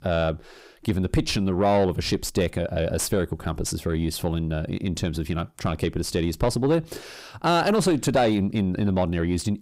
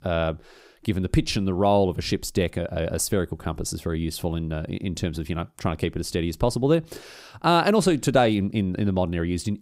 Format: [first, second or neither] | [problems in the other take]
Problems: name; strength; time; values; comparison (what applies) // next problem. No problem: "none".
second | distortion; slight; 10 dB below the speech